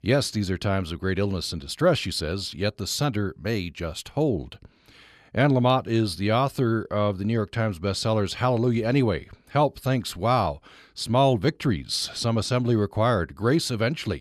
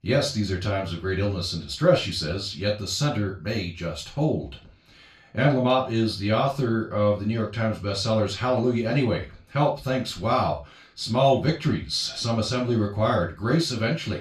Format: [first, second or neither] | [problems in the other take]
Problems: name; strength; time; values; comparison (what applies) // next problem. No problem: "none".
first | room echo; slight; dies away in 0.3 s // off-mic speech; far